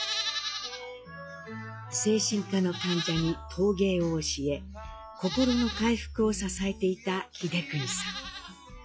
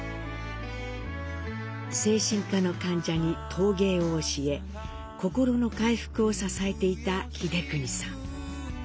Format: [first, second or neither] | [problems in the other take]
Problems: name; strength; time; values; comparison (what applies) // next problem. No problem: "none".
second | noise reduction (classical method log-MMSE)